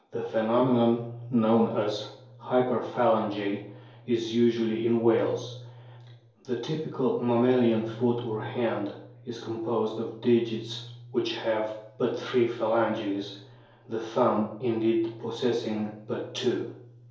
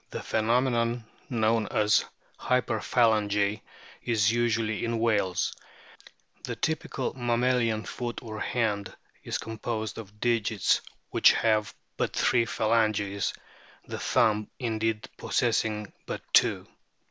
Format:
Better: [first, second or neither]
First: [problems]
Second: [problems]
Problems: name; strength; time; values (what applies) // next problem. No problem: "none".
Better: second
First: room echo; dies away in 2.4 s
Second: none